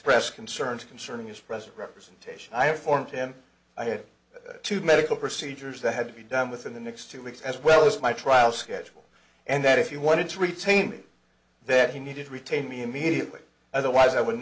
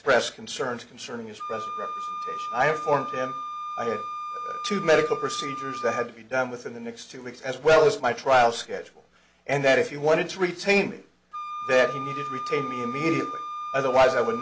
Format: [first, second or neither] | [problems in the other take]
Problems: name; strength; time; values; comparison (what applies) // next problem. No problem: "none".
first | background sound (Wind instrument, woodwind instrument); 10 dB below the speech